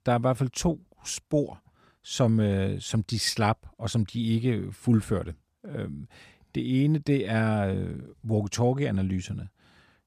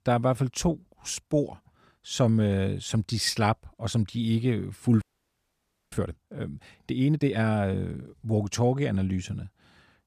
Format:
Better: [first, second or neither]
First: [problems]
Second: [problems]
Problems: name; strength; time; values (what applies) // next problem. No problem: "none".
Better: first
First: none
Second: audio freezing; at 5 s for 1 s